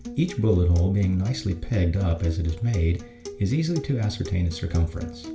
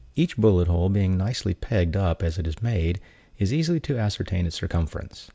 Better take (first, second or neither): second